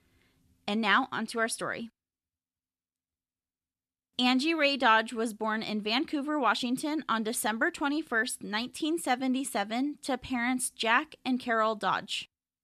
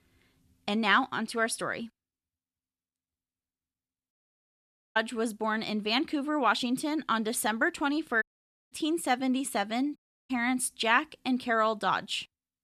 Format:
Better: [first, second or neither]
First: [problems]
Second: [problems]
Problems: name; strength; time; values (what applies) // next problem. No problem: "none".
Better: first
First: none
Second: audio cutting out; at 4 s for 1 s, at 8 s and at 10 s